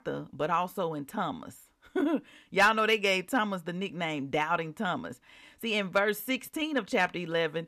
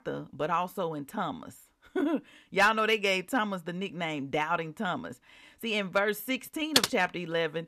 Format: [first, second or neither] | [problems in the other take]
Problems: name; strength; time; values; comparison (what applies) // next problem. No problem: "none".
first | keyboard typing; loud; at 7 s; peak 4 dB above the speech